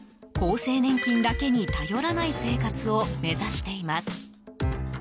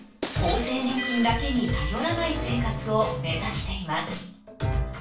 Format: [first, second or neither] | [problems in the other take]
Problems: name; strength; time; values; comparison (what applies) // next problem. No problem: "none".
first | background sound (Shatter); 16 dB below the speech // room echo; dies away in 0.3 s